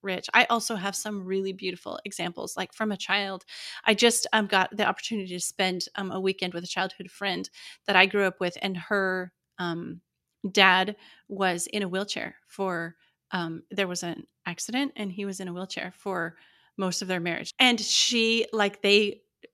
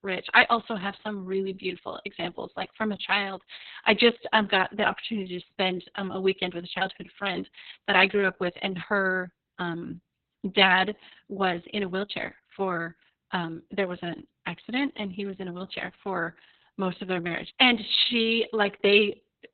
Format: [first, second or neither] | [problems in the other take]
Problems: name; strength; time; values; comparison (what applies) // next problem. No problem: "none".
first | garbled, watery; badly; nothing above 4 kHz